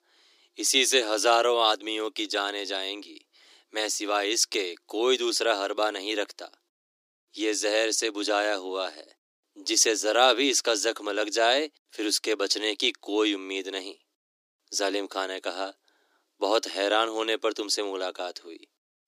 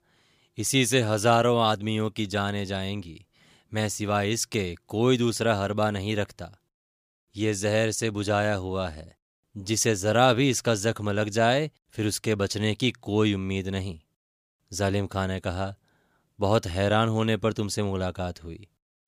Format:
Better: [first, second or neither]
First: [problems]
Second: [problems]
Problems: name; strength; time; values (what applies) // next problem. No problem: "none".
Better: second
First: thin; somewhat; fading below 300 Hz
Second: none